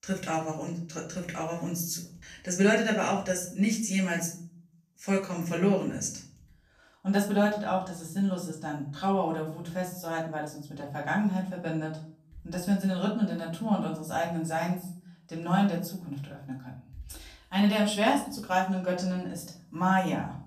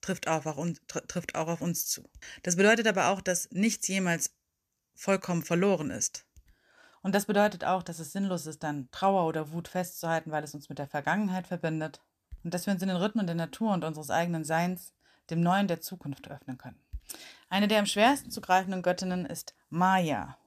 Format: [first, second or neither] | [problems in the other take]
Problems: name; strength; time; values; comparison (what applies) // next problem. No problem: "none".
second | off-mic speech; far // room echo; slight; dies away in 0.5 s